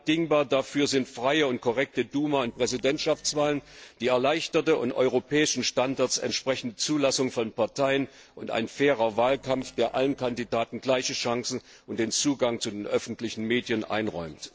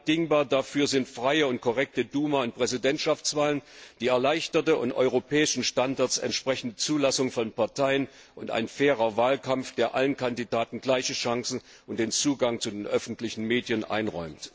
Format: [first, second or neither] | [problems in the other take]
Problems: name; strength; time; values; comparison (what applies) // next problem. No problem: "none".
second | noise reduction (neural separator model SepFormer DNS4)